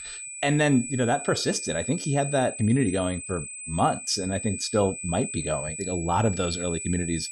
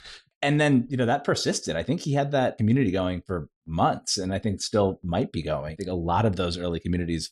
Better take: second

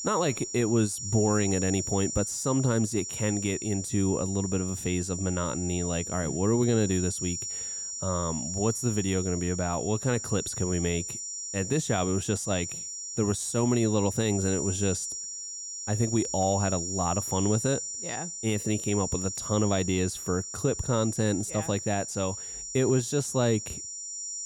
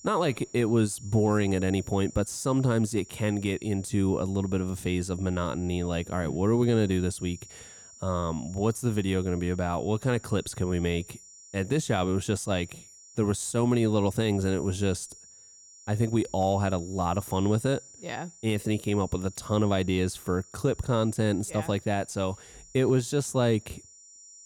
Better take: second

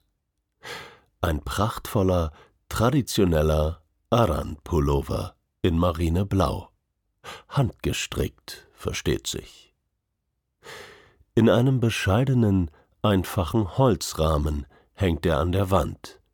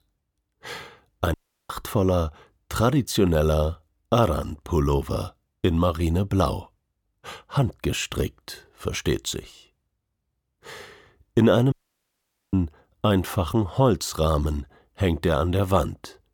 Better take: first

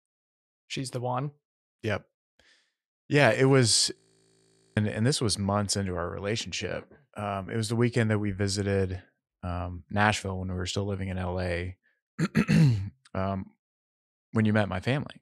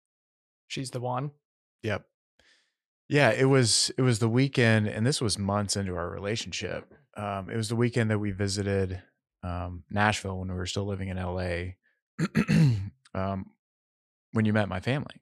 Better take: second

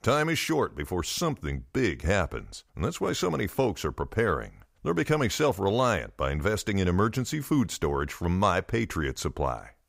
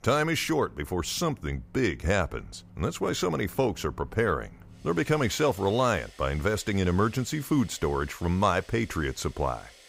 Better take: first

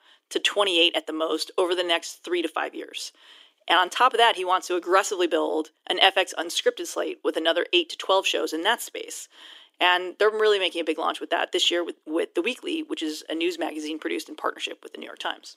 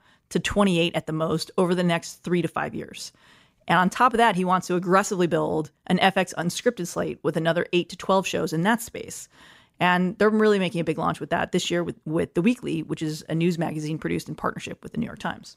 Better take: second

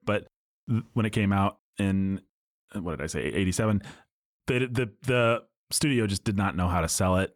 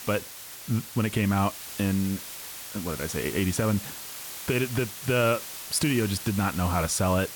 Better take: first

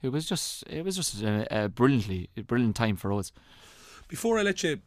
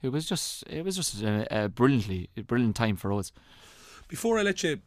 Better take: neither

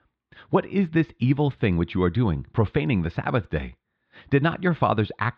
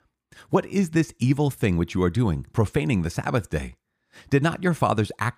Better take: second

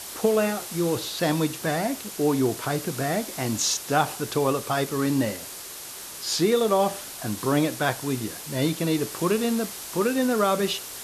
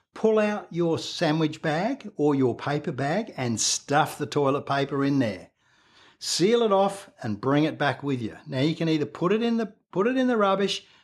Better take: second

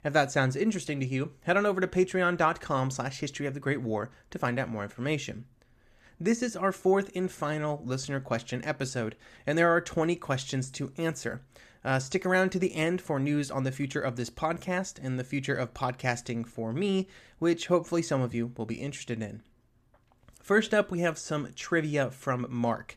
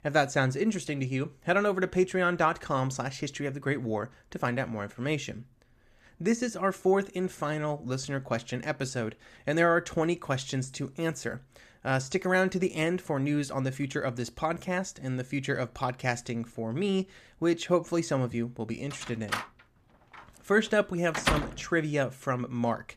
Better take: first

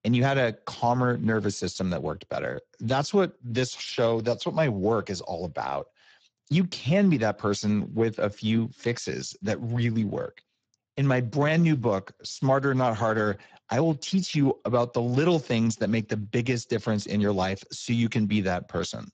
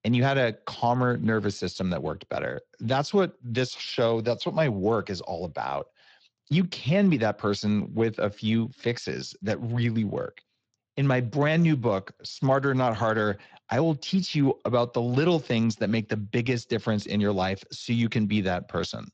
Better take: second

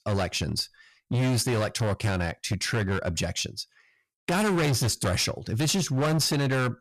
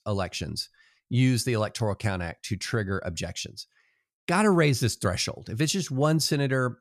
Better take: second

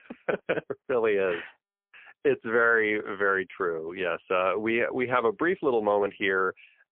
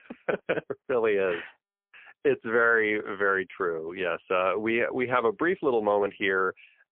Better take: neither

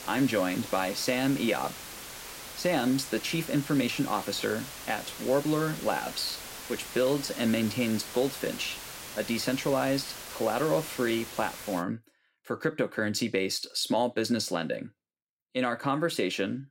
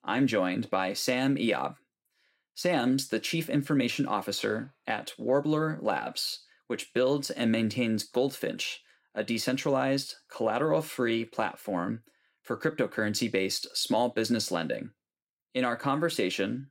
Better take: second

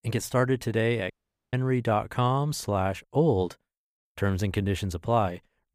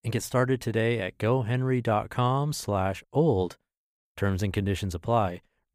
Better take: second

